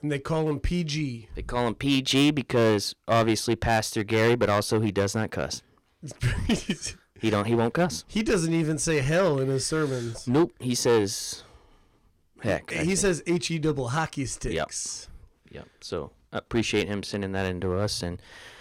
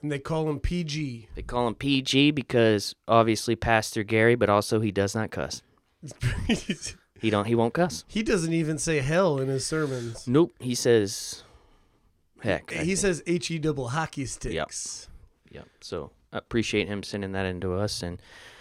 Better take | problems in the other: second | distortion; slight; 4% of the sound clipped

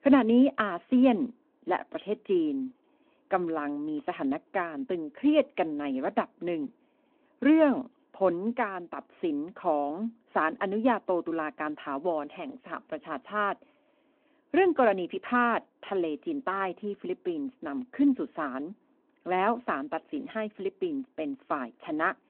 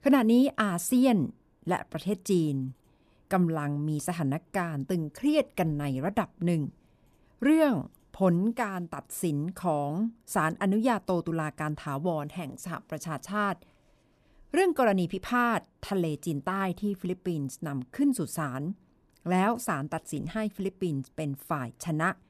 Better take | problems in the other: second | phone-call audio

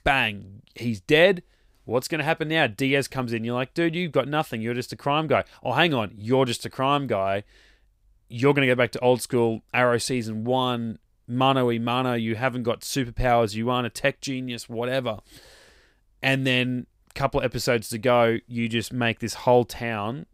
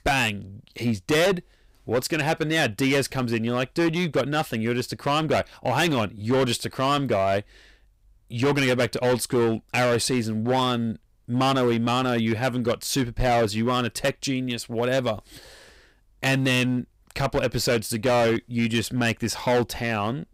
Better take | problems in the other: first | distortion; heavy; 11% of the sound clipped

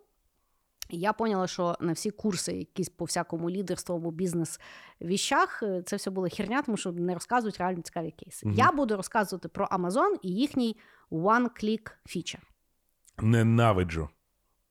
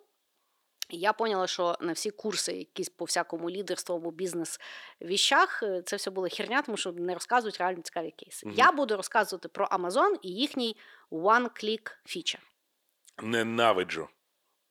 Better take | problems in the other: first | thin; somewhat; fading below 400 Hz

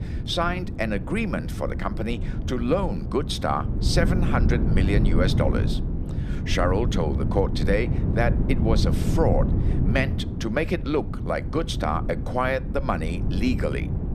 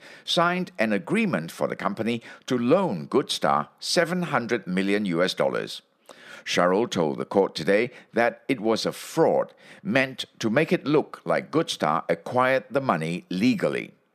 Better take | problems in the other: second | wind noise on the microphone; heavy; 9 dB below the speech

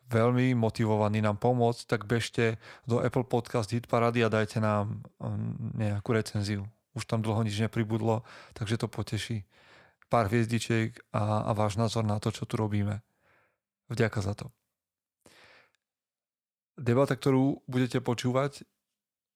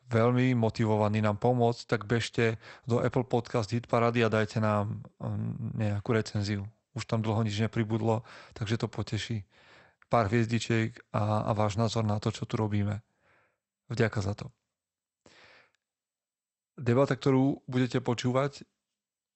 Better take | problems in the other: first | garbled, watery; slightly; nothing above 8 kHz

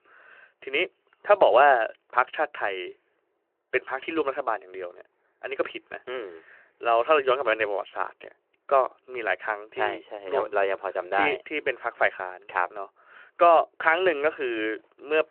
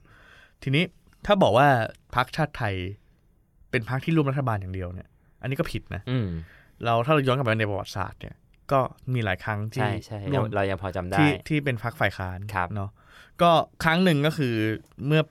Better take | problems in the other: second | phone-call audio

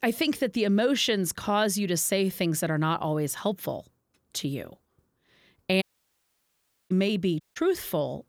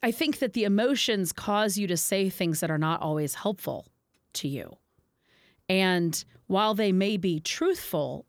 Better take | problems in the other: second | audio cutting out; at 6 s for 1 s and at 7.5 s

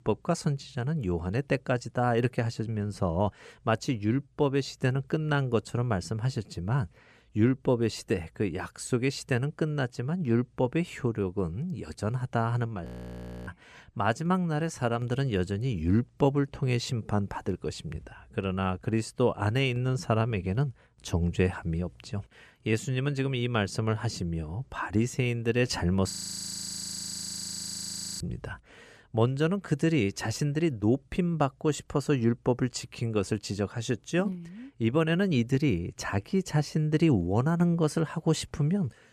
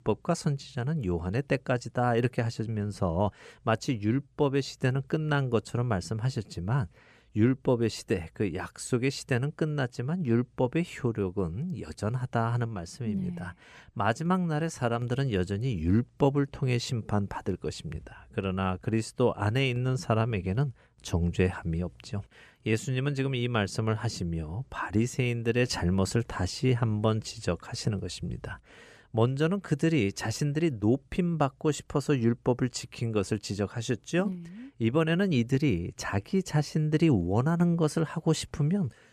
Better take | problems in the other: second | audio freezing; at 13 s for 0.5 s and at 26 s for 2 s

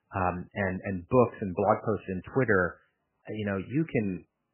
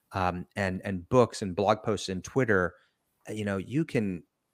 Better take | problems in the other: second | garbled, watery; badly; nothing above 3 kHz

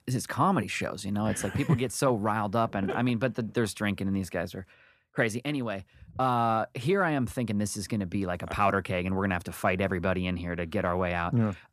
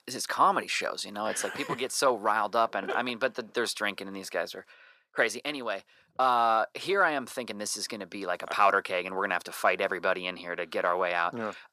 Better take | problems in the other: first | thin; very; fading below 500 Hz

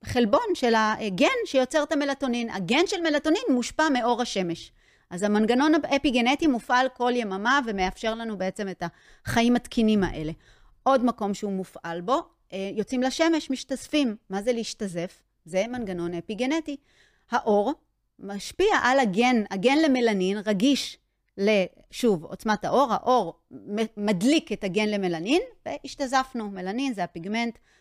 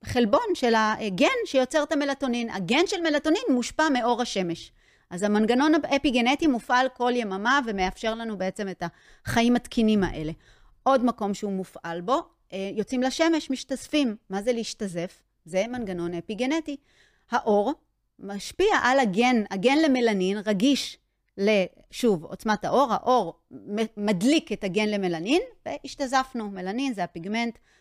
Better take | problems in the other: neither | none

